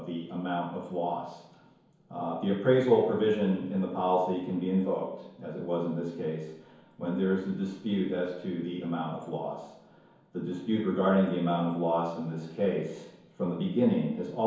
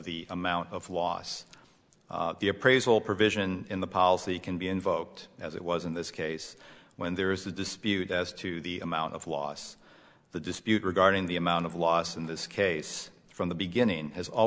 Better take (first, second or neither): second